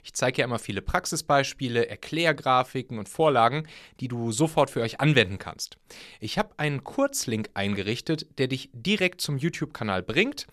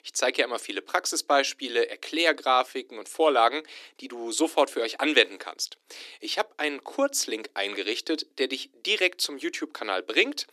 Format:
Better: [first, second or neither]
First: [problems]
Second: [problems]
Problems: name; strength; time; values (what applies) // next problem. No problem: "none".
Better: first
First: none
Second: thin; somewhat; fading below 300 Hz